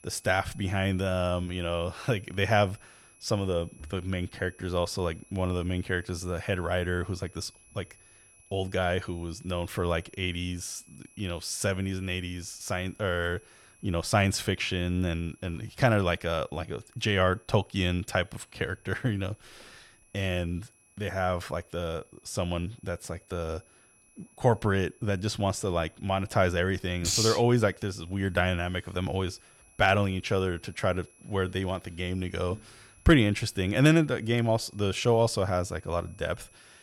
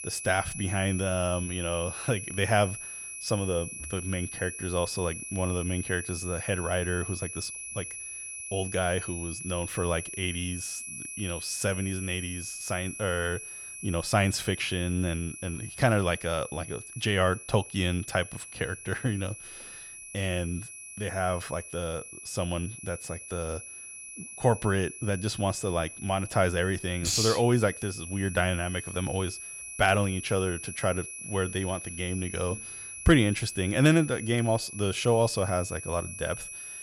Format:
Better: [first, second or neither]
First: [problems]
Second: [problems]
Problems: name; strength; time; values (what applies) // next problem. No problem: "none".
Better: first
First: high-pitched whine; faint; throughout; 11 kHz, 30 dB below the speech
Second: high-pitched whine; loud; throughout; 11 kHz, 9 dB below the speech